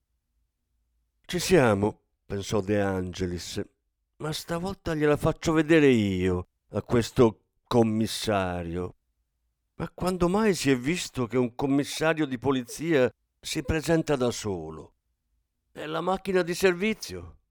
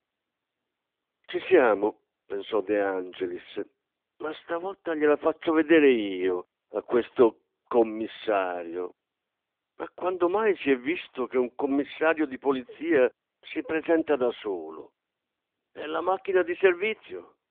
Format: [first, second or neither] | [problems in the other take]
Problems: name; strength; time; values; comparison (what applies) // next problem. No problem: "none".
first | phone-call audio